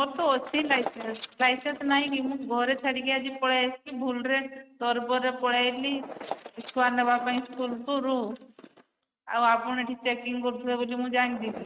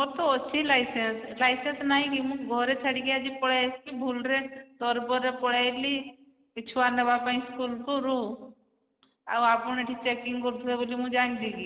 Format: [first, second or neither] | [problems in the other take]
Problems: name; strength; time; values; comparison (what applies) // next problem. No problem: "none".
second | noise reduction (neural mask model RNNoise)